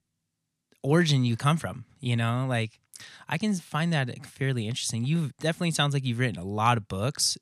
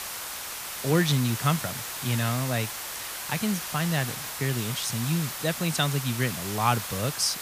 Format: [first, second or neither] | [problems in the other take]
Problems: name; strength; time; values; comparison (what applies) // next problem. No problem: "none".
first | hiss; loud; throughout; 5 dB below the speech